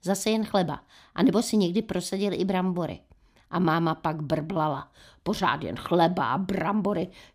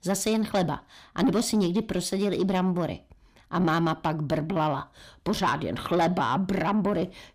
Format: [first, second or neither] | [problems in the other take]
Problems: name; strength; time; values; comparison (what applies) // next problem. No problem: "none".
first | distortion; slight; 10 dB below the speech